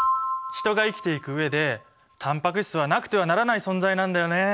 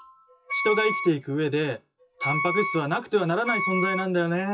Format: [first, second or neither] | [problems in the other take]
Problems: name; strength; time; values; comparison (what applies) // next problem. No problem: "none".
first | noise reduction (classical method WPE with log-MMSE)